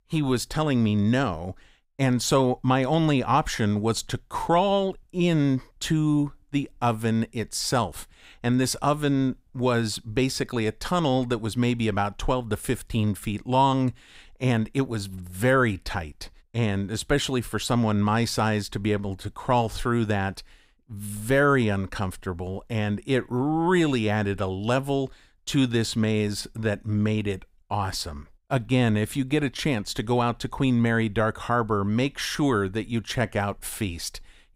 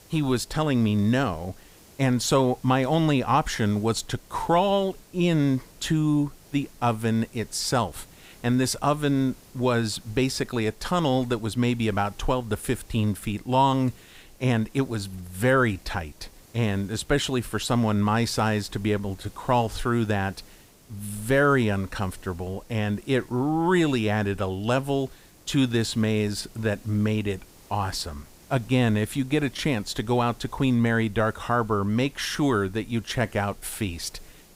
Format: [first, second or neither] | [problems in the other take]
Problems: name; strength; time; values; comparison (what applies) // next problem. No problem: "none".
first | hiss; faint; throughout; 25 dB below the speech